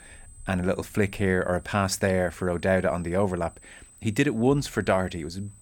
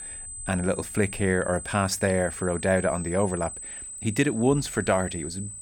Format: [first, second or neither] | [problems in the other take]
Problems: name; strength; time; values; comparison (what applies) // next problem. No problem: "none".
first | high-pitched whine; loud; throughout; 8 kHz, 9 dB below the speech; faint in the first